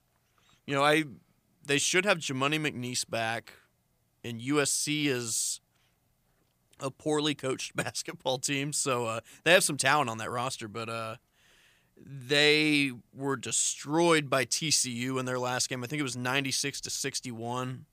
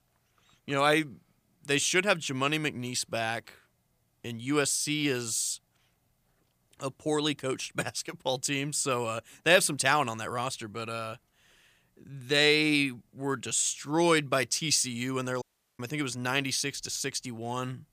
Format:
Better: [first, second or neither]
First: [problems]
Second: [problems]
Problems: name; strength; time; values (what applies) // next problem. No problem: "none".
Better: first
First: none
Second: audio cutting out; at 15 s